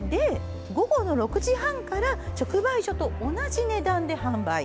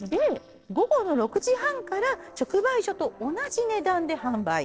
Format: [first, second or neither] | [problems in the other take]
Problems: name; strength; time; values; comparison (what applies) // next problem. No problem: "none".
first | noise reduction (neural separator model SepFormer DNS4)